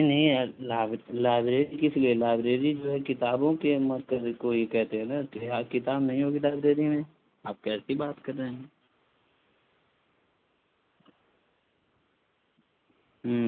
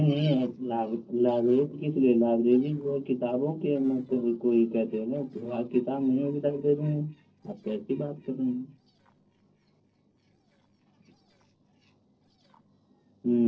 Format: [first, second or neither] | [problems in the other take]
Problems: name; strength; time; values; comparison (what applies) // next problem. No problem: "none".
first | noise reduction (neural separator model SepFormer DNS4)